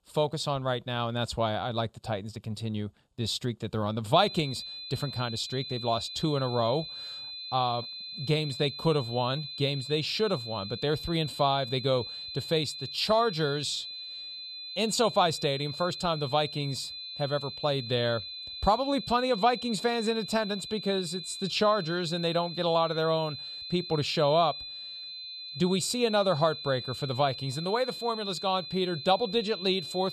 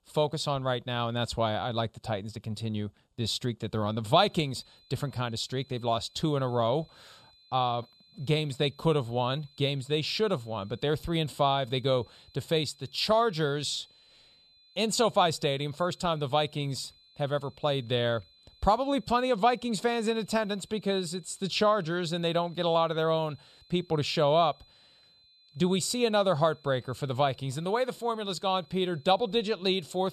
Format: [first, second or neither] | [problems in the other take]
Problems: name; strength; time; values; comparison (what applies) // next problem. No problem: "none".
second | high-pitched whine; loud; from 4 s on; 4 kHz, 8 dB below the speech; faint in the second